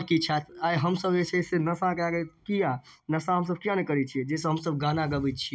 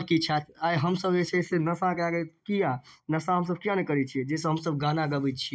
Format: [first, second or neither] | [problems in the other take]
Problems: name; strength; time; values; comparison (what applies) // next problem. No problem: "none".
first | noise reduction (neural mask model Resemble Enhance denoiser)